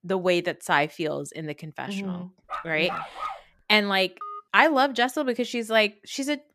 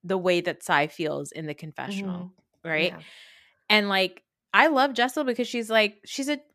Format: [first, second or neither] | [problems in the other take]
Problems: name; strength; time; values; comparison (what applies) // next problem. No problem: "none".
second | dog barking; noticeable; at 2.5 s; peak 8 dB below the speech // phone ringing; faint; at 4 s; peak 15 dB below the speech